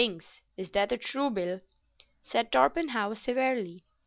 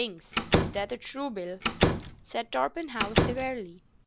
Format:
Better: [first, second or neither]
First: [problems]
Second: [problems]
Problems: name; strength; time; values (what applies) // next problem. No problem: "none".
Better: first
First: none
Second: background sound (Slam); 4 dB above the speech